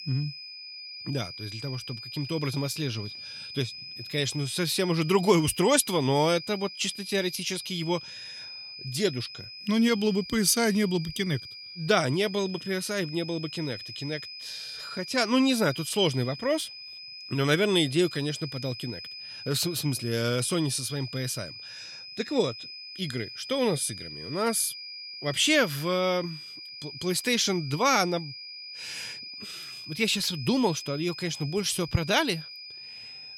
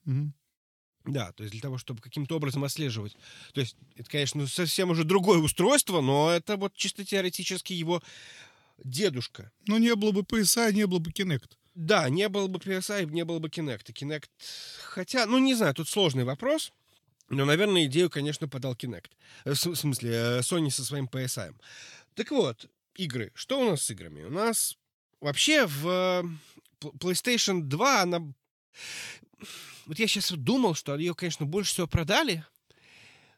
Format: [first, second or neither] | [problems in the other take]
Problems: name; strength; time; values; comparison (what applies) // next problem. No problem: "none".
second | high-pitched whine; noticeable; throughout; 5 kHz, 10 dB below the speech